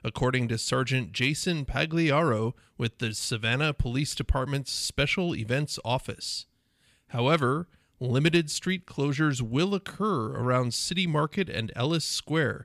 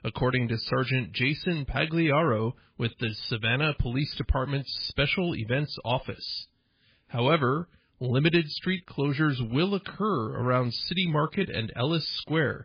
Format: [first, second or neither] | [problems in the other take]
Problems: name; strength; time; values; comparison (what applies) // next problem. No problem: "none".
first | garbled, watery; badly